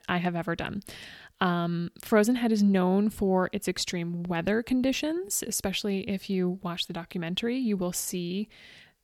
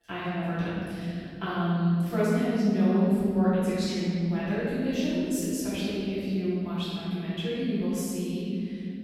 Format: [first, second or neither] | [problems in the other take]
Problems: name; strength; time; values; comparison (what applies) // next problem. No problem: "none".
first | off-mic speech; far // room echo; strong; dies away in 3 s